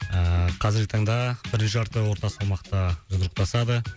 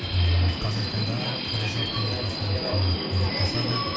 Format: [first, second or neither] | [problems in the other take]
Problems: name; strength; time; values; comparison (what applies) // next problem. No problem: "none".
first | background sound (Subway, metro, underground); 3 dB below the speech // room echo; dies away in 0.2 s